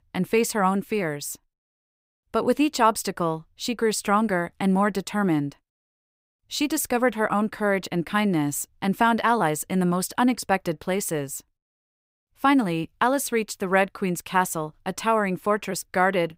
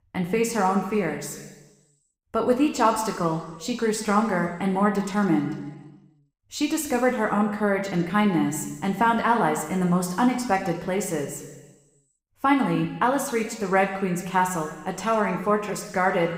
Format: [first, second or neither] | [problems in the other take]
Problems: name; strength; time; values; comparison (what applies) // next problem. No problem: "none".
first | room echo; noticeable; dies away in 1.2 s // off-mic speech; somewhat distant